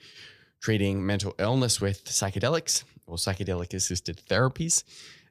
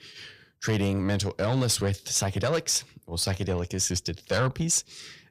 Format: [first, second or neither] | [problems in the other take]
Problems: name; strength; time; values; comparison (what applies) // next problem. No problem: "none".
first | distortion; slight; 10 dB below the speech